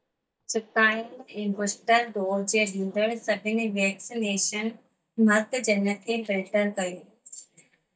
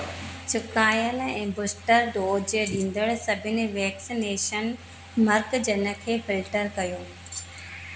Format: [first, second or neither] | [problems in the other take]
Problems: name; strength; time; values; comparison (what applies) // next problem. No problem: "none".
second | noise reduction (neural mask model DeepFilterNet 3)